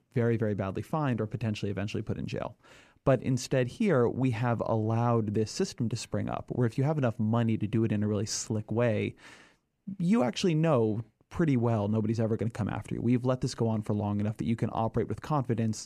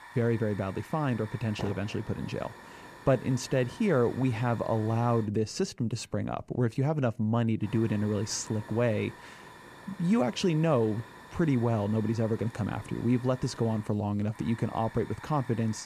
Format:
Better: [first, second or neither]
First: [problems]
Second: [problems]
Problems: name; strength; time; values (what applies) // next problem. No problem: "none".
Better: first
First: none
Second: hiss; noticeable; until 5.5 s and from 7.5 s on; 20 dB below the speech